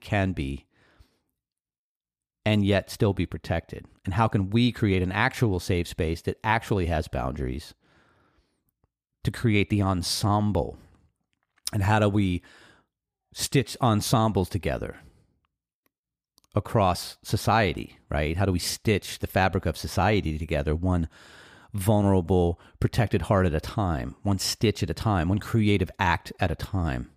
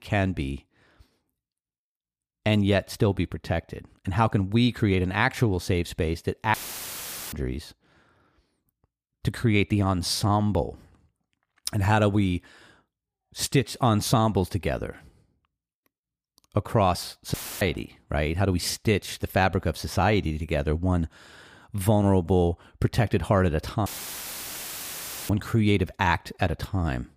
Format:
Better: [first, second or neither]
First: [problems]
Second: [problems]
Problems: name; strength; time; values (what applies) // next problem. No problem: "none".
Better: first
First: none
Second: audio cutting out; filled with static; at 6.5 s for 1 s, at 17 s and at 24 s for 1.5 s